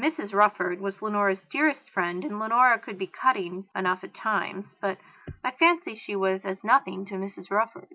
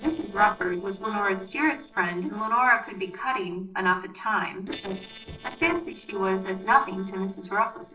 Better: first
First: none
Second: noise reduction (neural separator model SepFormer DNS4)

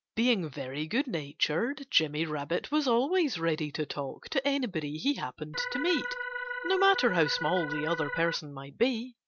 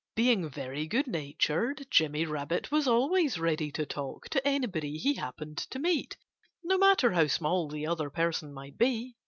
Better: second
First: background sound (Organ); 5 dB below the speech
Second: none

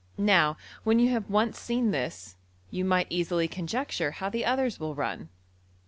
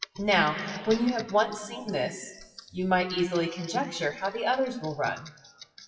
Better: first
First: none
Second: noise reduction (classical method WPE with log-MMSE)

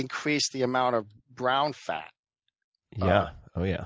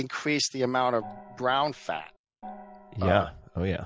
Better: first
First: none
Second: background sound (Gong); 18 dB below the speech

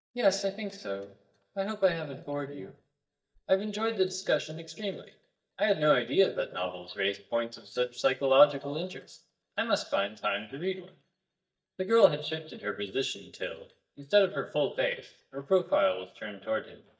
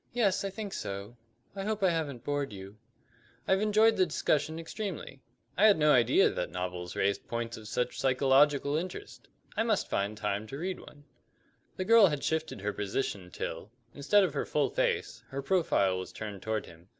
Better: second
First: noise reduction (neural mask model DeepFilterNet 3)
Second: none

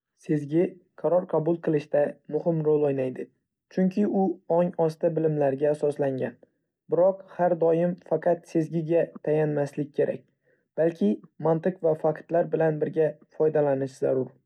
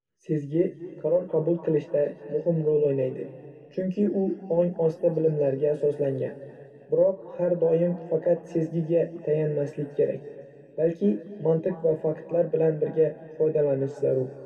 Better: first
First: none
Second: room echo; dies away in 2.5 s

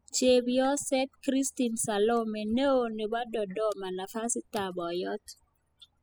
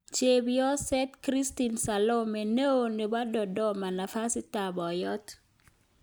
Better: second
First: noise reduction (classical method spectral subtraction)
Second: none

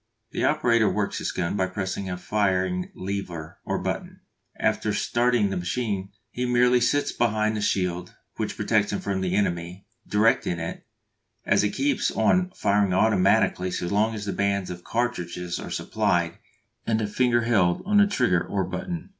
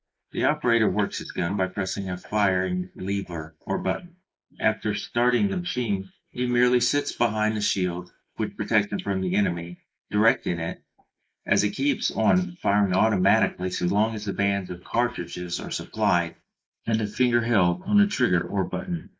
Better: first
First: none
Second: noise reduction (neural mask model Resemble Enhance denoiser)

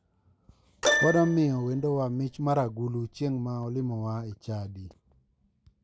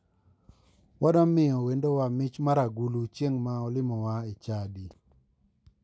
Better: second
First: background sound (Keyboard (musical)); 4 dB below the speech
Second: none

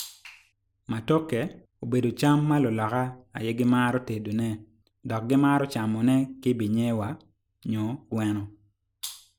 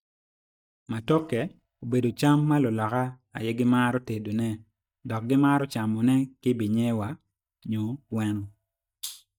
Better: first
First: none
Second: noise reduction (neural mask model DeepFilterNet 3)

